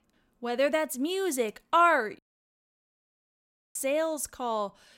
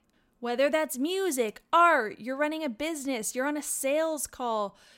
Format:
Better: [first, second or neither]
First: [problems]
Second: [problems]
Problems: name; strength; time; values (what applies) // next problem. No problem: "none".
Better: second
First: audio cutting out; at 2 s for 1.5 s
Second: none